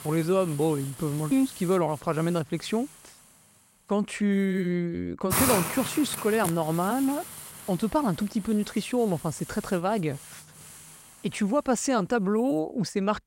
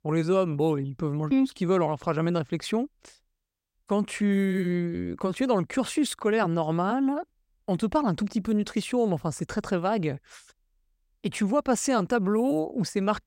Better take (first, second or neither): second